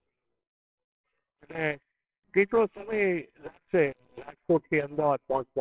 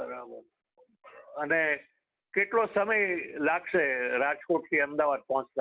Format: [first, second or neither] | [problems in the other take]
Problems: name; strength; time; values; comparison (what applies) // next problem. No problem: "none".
second | noise reduction (neural separator model SepFormer WHAMR!)